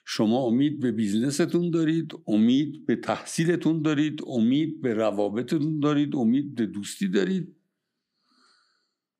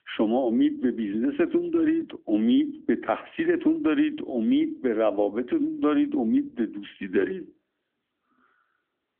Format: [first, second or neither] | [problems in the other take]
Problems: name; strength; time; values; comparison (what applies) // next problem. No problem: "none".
first | phone-call audio; nothing above 3.5 kHz